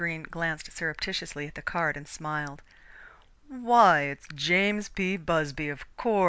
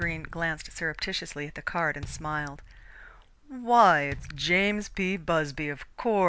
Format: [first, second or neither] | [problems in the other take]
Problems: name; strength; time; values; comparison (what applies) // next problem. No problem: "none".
first | background sound (Bass drum); 18 dB below the speech